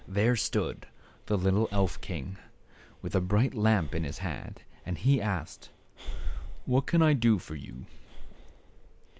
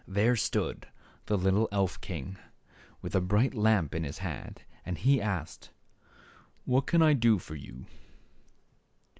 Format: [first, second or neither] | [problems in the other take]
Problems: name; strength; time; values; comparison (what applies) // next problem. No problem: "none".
second | background sound (Breathing); 8 dB below the speech